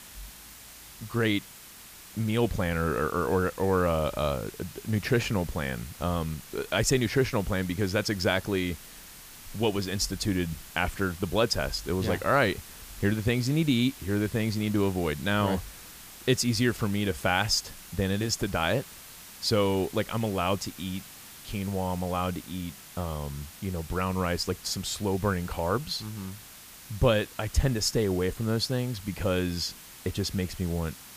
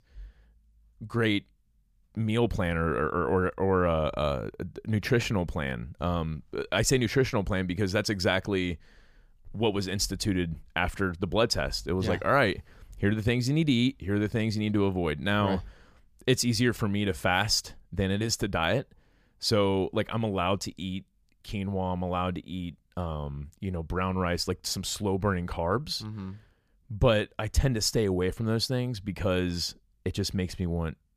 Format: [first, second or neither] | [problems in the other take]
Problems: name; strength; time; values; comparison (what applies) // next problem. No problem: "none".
second | hiss; noticeable; throughout; 15 dB below the speech